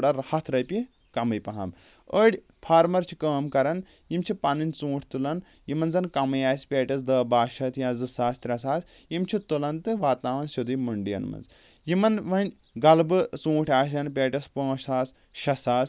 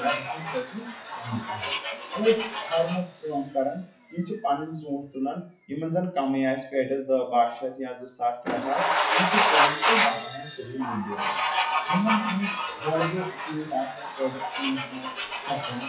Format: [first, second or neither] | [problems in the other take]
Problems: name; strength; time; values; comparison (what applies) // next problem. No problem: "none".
first | noise reduction (classical method WPE with log-MMSE)